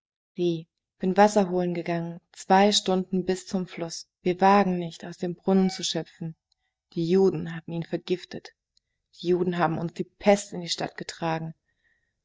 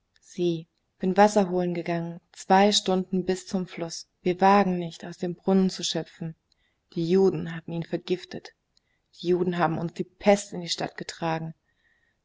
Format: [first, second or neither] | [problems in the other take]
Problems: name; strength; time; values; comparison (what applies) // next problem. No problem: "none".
second | noise reduction (neural mask model DeepFilterNet 3)